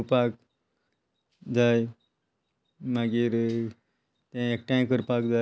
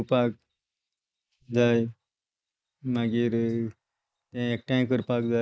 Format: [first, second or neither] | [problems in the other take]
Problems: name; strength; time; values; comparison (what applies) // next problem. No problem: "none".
first | noise reduction (neural mask model Resemble Enhance denoiser)